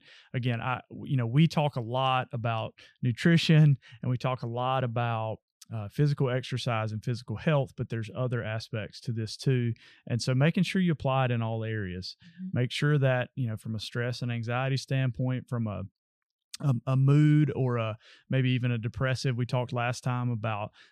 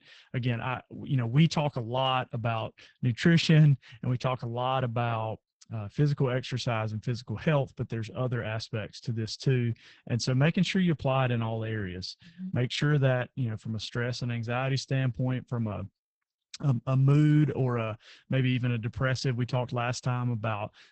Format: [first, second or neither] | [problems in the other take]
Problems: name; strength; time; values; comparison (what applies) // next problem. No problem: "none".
first | garbled, watery; badly; nothing above 8 kHz